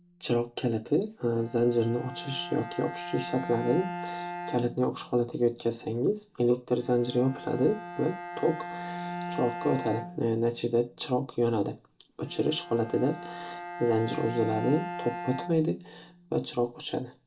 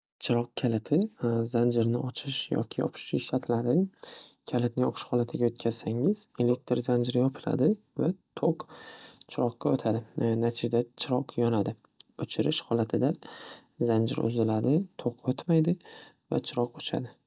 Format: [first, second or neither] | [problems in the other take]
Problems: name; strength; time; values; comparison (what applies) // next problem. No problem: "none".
second | background sound (Bowed string instrument); 11 dB below the speech // room echo; dies away in 0.2 s